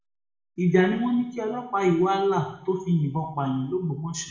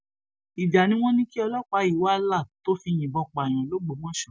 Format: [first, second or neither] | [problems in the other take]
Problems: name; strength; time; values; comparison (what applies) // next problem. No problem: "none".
second | room echo; dies away in 0.7 s